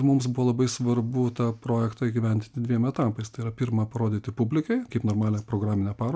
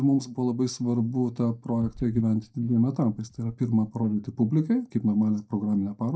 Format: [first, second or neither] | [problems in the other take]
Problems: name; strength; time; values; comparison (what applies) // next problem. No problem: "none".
first | noise reduction (neural mask model DeepFilterNet 3)